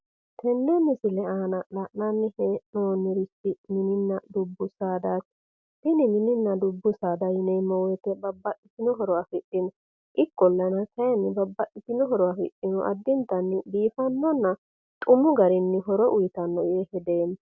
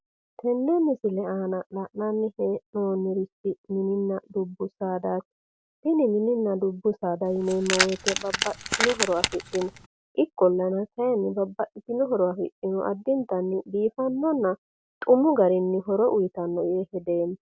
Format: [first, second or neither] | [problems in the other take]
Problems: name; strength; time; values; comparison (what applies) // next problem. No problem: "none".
first | background sound (Keys jangling); 3 dB below the speech